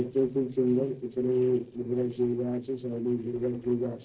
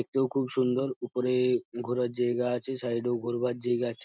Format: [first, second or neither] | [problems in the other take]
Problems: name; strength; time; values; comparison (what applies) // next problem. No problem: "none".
second | noise reduction (neural separator model SepFormer DNS4)